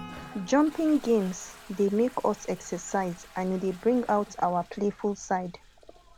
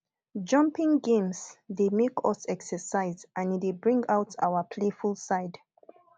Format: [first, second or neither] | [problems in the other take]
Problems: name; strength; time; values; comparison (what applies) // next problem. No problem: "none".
second | background sound (Toilet flush + Acoustic guitar / Strum); 20 dB below the speech